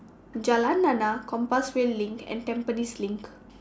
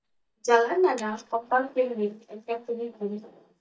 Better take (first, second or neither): first